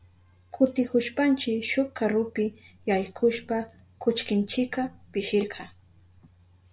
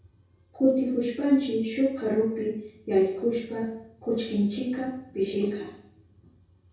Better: first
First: none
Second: room echo; dies away in 0.6 s

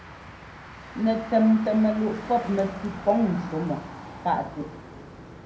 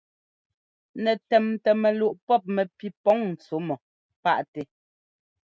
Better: second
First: background sound (Motor vehicle (road)); 14 dB below the speech // room echo; dies away in 0.6 s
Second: none

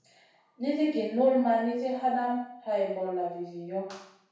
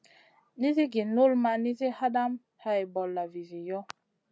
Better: second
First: room echo; dies away in 0.7 s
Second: none

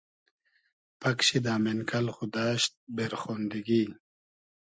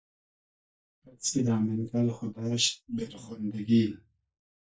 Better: first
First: none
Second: noise reduction (neural mask model DeepFilterNet 3)

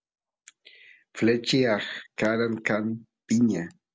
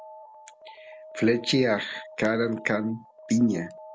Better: first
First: none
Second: background sound (Alarm); 18 dB below the speech

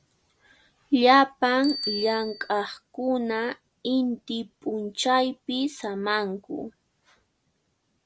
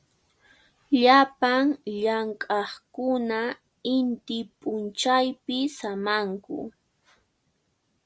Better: second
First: background sound (Bicycle bell); 17 dB below the speech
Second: none

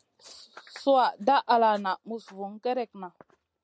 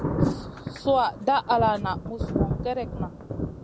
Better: first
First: none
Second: background sound (Thunder); 2 dB below the speech

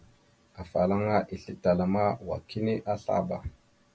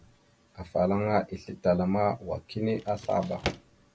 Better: first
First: none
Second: background sound (Drawer open or close); 10 dB below the speech

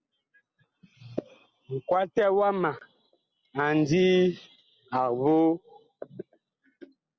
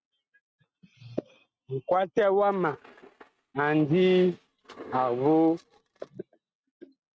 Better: first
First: none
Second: noise reduction (neural mask model RNNoise)

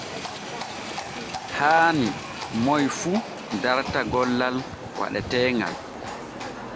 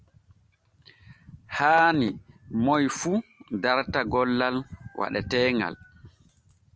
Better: second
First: background sound (Livestock, farm animals, working animals); 9 dB below the speech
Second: none

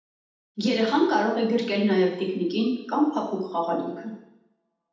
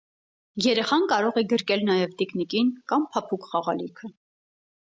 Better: second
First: room echo; dies away in 0.8 s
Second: none

